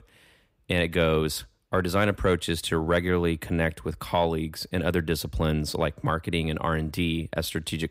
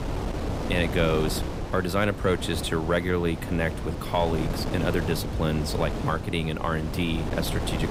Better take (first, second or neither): first